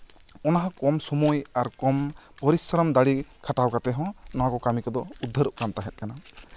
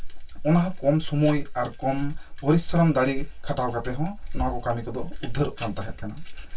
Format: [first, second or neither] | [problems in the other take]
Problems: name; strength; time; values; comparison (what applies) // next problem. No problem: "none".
first | room echo; dies away in 0.1 s